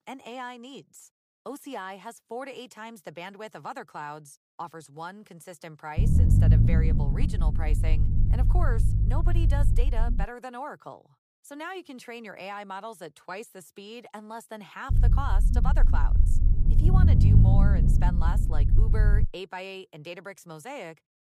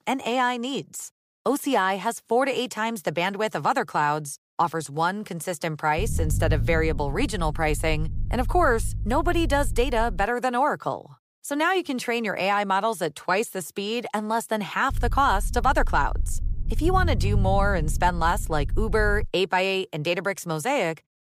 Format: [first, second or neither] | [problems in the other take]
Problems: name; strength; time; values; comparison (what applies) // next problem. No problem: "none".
second | low rumble; loud; from 6 to 10 s and from 15 to 19 s; 1 dB below the speech; faint in the second